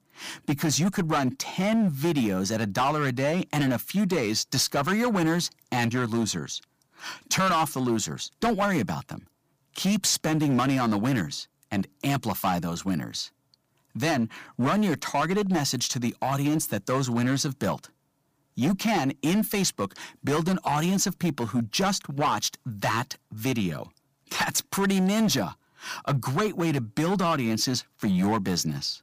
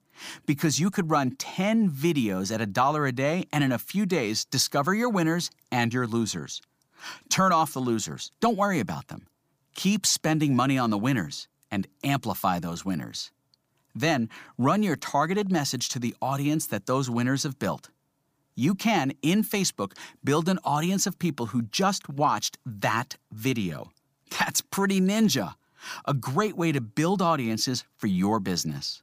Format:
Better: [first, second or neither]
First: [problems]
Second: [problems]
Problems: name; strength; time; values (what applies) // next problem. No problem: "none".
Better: second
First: distortion; slight; 10% of the sound clipped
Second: none